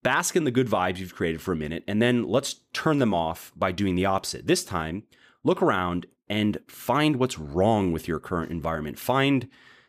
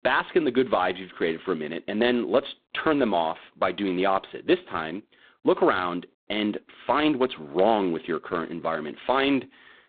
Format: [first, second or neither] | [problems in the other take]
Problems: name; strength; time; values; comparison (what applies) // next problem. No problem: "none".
first | phone-call audio; poor line; nothing above 3.5 kHz